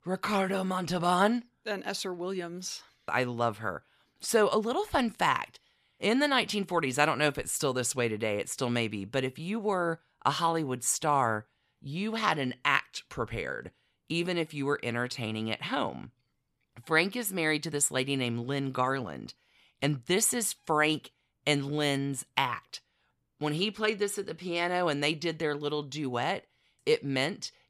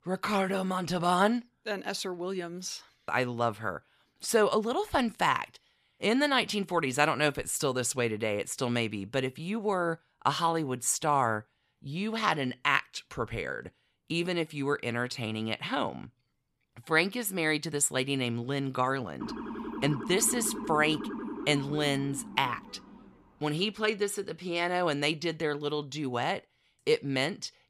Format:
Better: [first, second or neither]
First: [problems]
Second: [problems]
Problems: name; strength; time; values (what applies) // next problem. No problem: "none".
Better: first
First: none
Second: siren; noticeable; from 19 to 23 s; peak 7 dB below the speech